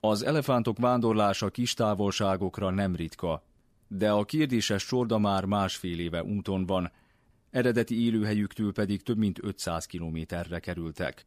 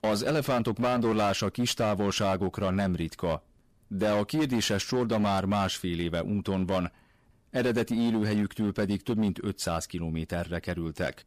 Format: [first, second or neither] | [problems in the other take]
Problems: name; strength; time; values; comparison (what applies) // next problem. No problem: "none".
first | distortion; slight; 14% of the sound clipped